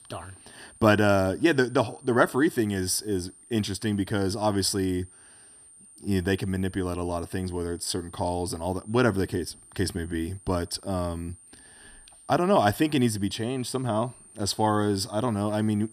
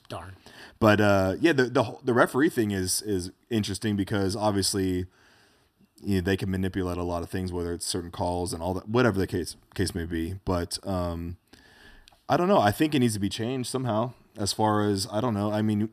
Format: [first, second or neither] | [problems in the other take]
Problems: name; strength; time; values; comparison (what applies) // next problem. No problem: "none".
second | high-pitched whine; faint; throughout; 9 kHz, 25 dB below the speech